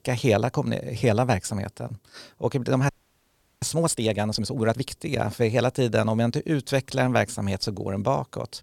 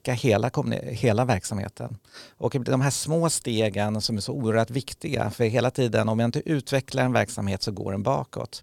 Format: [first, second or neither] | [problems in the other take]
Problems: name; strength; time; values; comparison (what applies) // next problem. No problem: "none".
second | audio freezing; at 3 s for 0.5 s